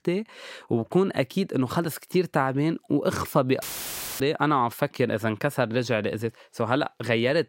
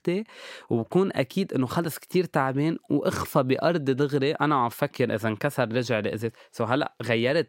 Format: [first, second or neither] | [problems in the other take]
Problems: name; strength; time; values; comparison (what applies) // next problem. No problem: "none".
second | audio cutting out; filled with static; at 3.5 s for 0.5 s